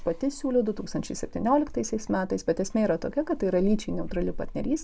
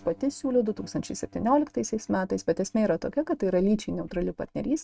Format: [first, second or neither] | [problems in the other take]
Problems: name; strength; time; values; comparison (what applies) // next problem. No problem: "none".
first | noise reduction (neural mask model RNNoise)